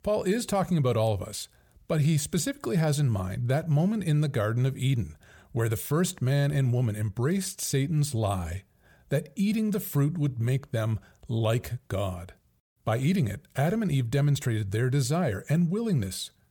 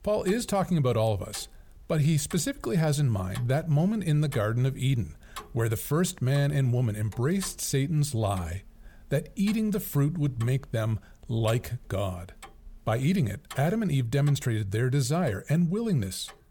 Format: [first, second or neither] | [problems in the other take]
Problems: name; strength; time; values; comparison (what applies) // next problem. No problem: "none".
first | household noises; faint; throughout; 20 dB below the speech